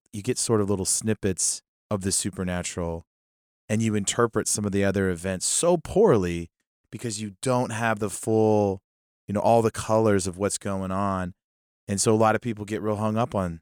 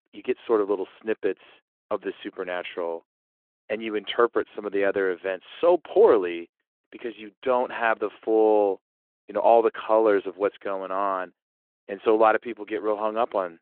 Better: first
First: none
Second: phone-call audio

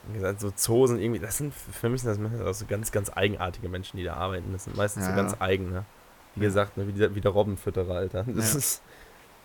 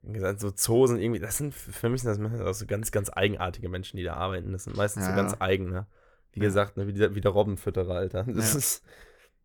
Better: second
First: hiss; faint; throughout; 25 dB below the speech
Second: none

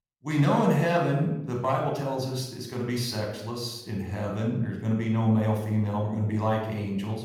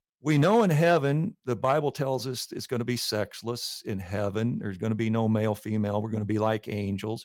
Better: second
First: off-mic speech; somewhat distant // room echo; noticeable; dies away in 0.7 s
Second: none

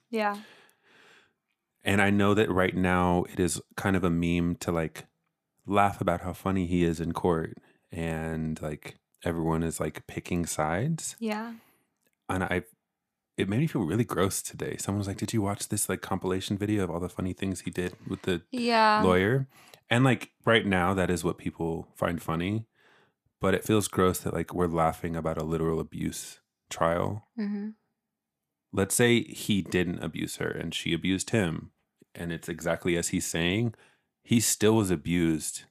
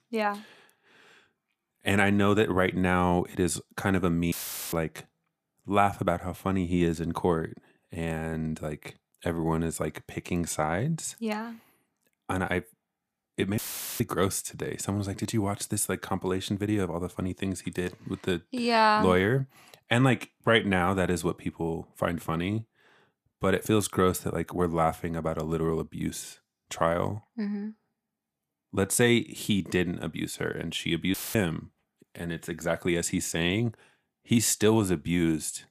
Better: first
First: none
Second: audio cutting out; filled with static; at 4.5 s, at 14 s and at 31 s

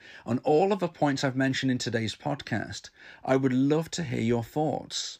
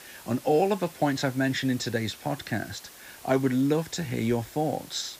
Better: first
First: none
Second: hiss; noticeable; throughout; 20 dB below the speech

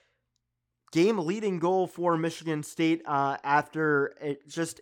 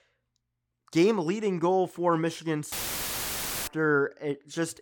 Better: first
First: none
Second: audio cutting out; filled with static; at 2.5 s for 1 s

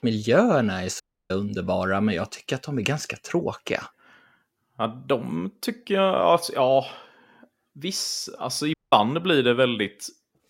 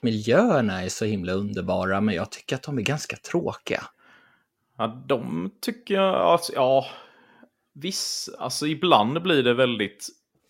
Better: second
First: audio cutting out; at 1 s and at 8.5 s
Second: none

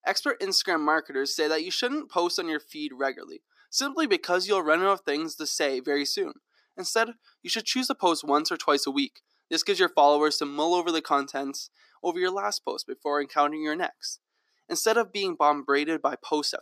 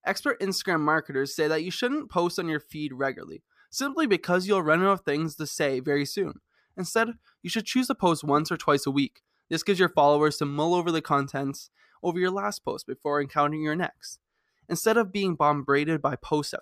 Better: second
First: thin; very slightly; fading below 300 Hz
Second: none

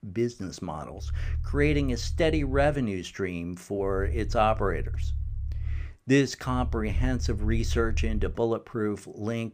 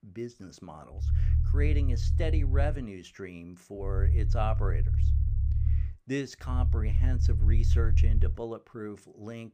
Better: first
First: low rumble; faint; from 1 to 3 s, from 4 to 6 s and from 6.5 to 8.5 s; 20 dB below the speech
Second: low rumble; loud; from 1 to 3 s, from 4 to 6 s and from 6.5 to 8.5 s; 6 dB below the speech

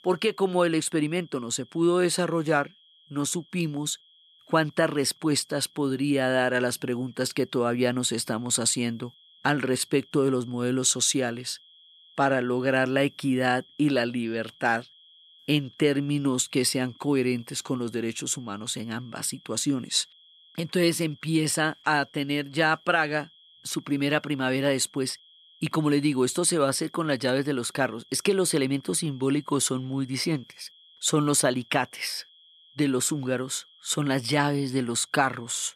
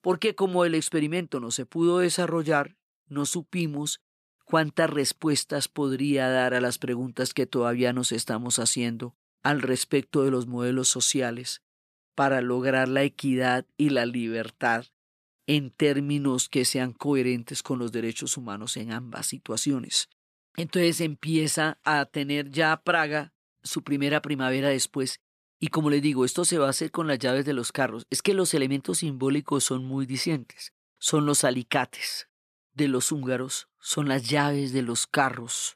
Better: second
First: high-pitched whine; faint; throughout; 3.5 kHz, 25 dB below the speech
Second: none

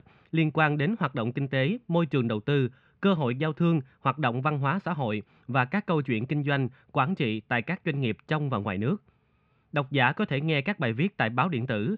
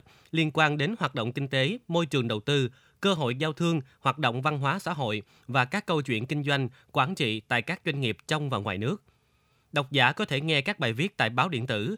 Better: second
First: muffled; very slightly; fading above 2.5 kHz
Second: none

